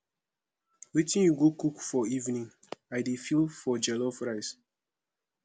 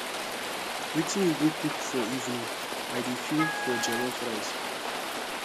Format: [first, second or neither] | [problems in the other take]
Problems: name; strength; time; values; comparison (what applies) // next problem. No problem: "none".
first | background sound (Rain + Wind instrument, woodwind instrument); as loud as the speech